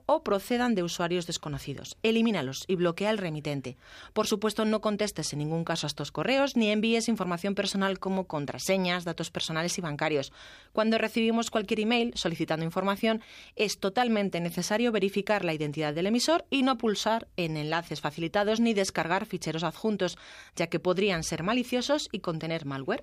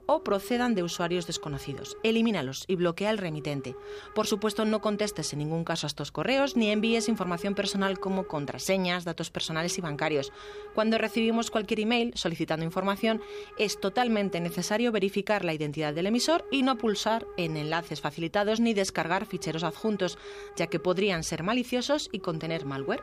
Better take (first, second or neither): first